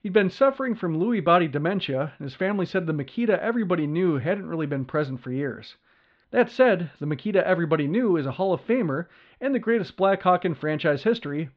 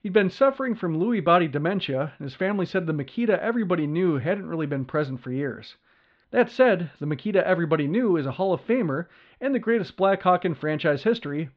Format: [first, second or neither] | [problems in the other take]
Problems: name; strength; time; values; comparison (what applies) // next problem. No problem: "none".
neither | muffled; very; fading above 3.5 kHz; the same in both